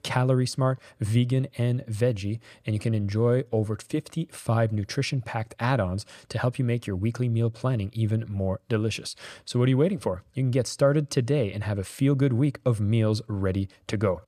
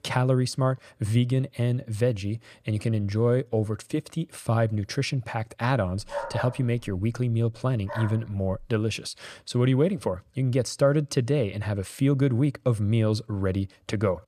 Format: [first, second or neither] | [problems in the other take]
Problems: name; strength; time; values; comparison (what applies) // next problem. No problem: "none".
first | dog barking; noticeable; from 6 to 8.5 s; peak 6 dB below the speech